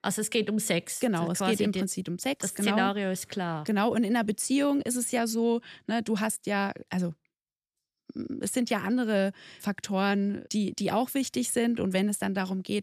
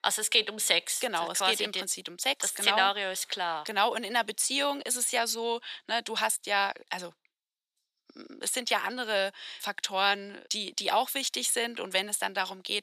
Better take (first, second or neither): first